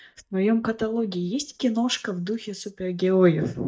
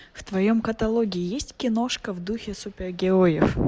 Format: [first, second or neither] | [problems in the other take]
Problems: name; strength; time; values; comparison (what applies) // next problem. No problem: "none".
second | noise reduction (neural mask model DeepFilterNet 3)